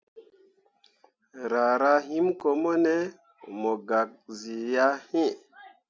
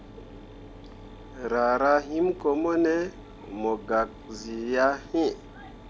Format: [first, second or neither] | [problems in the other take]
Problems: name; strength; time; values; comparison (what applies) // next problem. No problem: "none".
first | background sound (Mechanisms); 17 dB below the speech